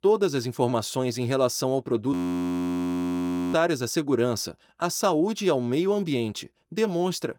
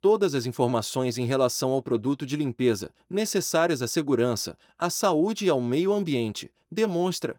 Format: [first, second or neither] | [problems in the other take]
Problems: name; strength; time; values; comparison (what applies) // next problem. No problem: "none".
second | audio freezing; at 2 s for 1.5 s